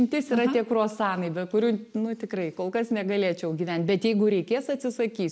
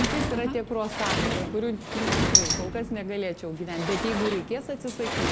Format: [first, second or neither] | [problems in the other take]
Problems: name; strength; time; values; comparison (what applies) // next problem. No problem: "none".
first | background sound (Sliding door); 2 dB above the speech